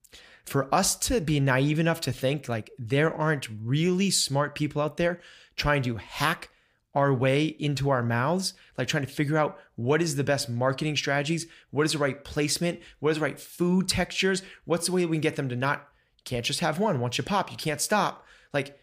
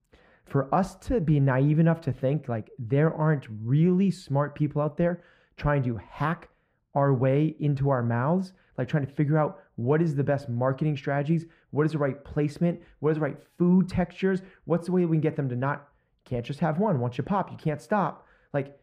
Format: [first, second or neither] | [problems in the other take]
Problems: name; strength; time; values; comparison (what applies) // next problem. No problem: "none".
first | muffled; very; fading above 2.5 kHz